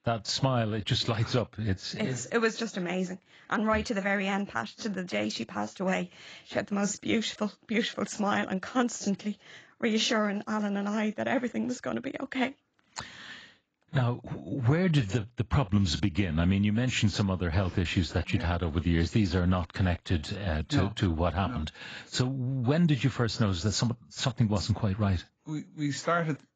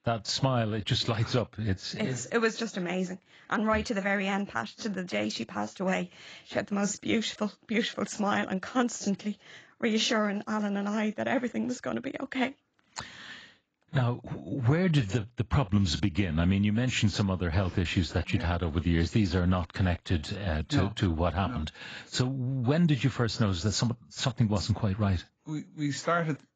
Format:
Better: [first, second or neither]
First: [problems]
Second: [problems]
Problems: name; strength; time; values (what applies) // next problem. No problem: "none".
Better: neither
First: garbled, watery; badly; nothing above 7.5 kHz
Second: garbled, watery; badly; nothing above 7.5 kHz